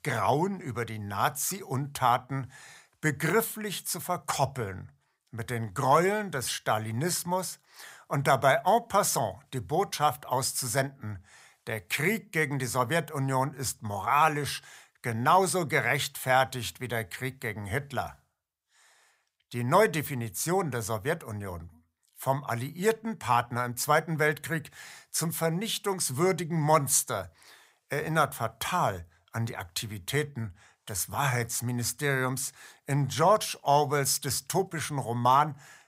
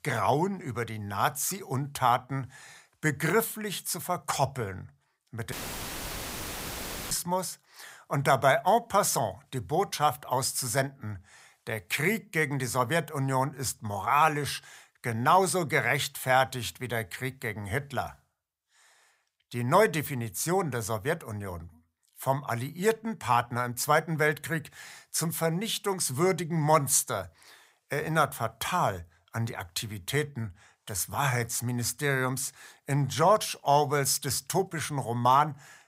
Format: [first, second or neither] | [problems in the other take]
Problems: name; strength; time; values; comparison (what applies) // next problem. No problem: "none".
first | audio cutting out; filled with static; at 5.5 s for 1.5 s